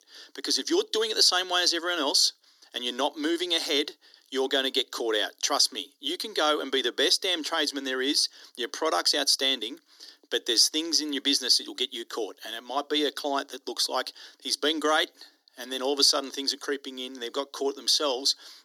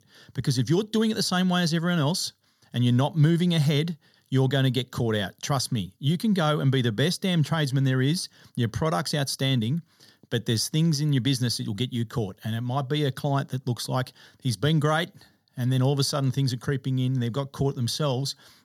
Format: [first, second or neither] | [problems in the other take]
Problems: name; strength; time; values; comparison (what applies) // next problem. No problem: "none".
second | thin; very; fading below 300 Hz